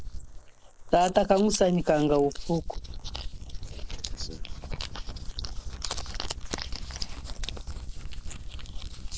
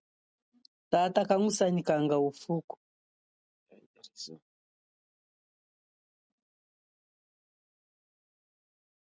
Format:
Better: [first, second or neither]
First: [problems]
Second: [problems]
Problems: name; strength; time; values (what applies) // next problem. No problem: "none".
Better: second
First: noise reduction (neural mask model Resemble Enhance denoiser)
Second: none